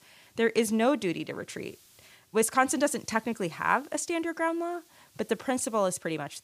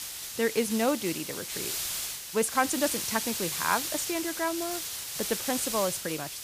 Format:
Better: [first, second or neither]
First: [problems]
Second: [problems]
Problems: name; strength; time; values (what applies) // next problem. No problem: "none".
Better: first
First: hiss; faint; throughout; 30 dB below the speech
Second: hiss; loud; throughout; 2 dB below the speech